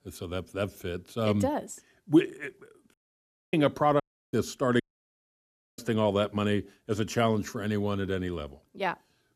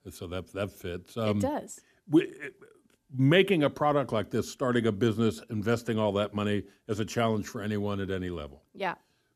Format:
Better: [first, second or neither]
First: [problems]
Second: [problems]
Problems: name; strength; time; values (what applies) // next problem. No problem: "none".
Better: second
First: audio cutting out; at 3 s for 0.5 s, at 4 s and at 5 s for 1 s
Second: none